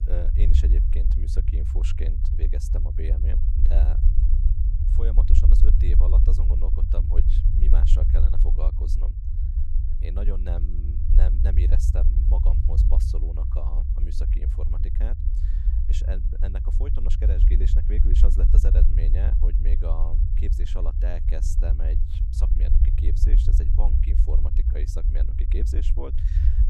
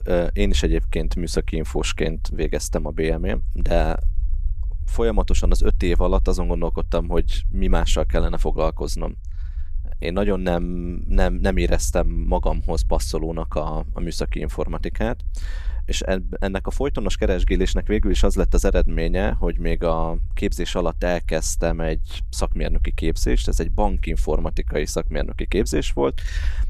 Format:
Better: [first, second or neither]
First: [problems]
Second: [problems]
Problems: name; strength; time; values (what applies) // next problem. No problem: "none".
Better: second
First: low rumble; loud; throughout; 1 dB below the speech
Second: low rumble; faint; throughout; 25 dB below the speech